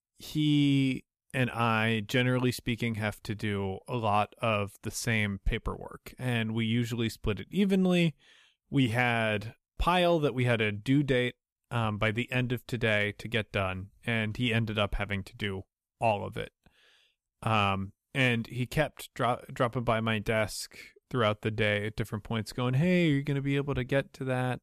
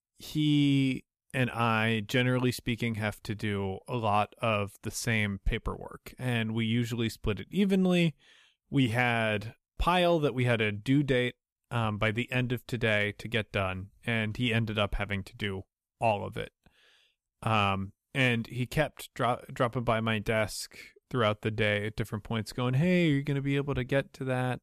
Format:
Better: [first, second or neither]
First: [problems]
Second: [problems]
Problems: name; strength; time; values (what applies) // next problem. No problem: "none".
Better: neither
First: none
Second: none